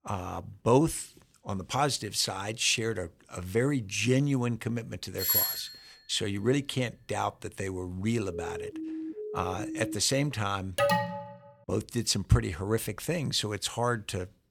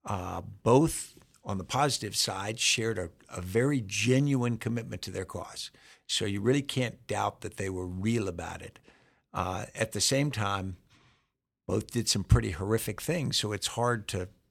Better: second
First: doorbell; loud; at 5 s; peak 6 dB above the speech // siren; noticeable; from 8.5 to 10 s; peak 7 dB below the speech // alarm; loud; at 11 s; peak 3 dB above the speech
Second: none

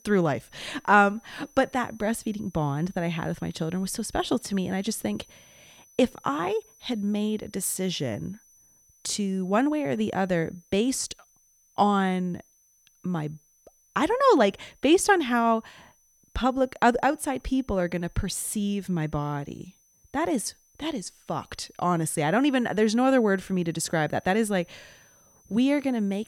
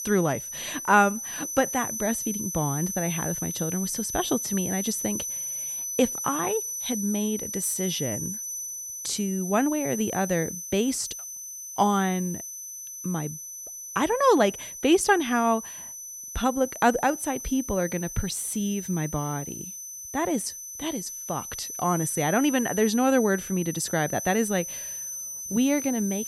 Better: first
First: high-pitched whine; faint; throughout; 6 kHz, 30 dB below the speech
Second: high-pitched whine; loud; throughout; 6 kHz, 6 dB below the speech

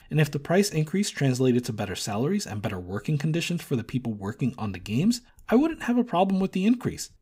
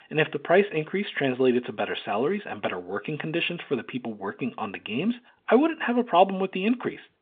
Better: first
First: none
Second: phone-call audio

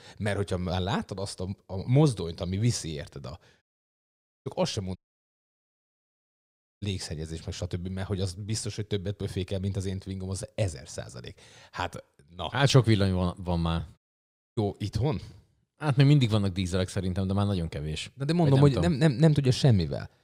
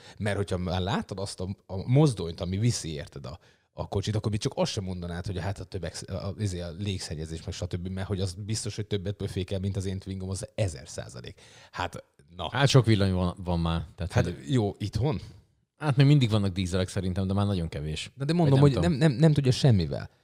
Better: second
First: audio cutting out; at 3.5 s for 1 s, at 5 s for 2 s and at 14 s for 0.5 s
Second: none

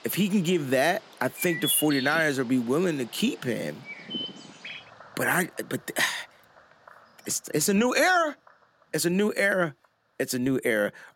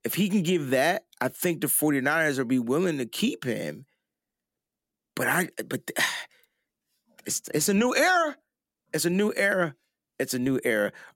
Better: second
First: animal sounds; noticeable; throughout; 10 dB below the speech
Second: none

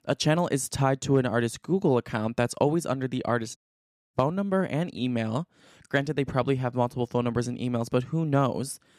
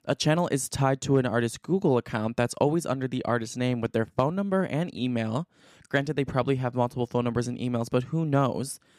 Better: second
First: audio cutting out; at 3.5 s for 0.5 s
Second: none

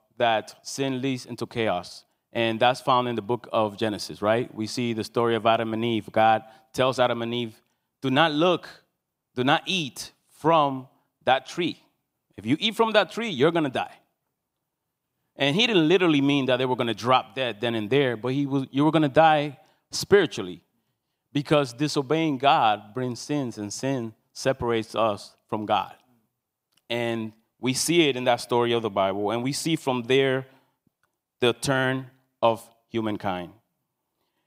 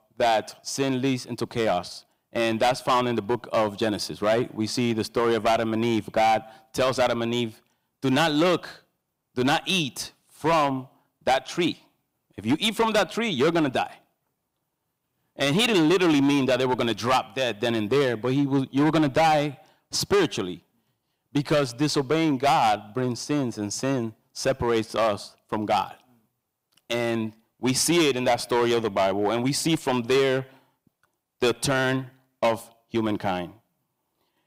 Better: first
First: none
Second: distortion; heavy; 7% of the sound clipped

